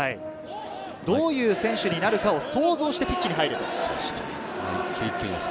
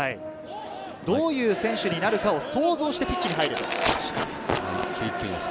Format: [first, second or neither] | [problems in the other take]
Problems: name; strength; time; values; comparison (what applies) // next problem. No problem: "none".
first | background sound (Tearing); 6 dB below the speech